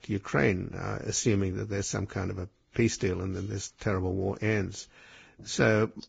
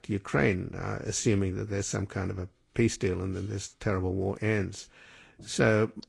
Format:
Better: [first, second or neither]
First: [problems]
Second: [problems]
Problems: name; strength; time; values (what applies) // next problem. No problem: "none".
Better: second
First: garbled, watery; badly; nothing above 7.5 kHz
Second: garbled, watery; slightly; nothing above 10.5 kHz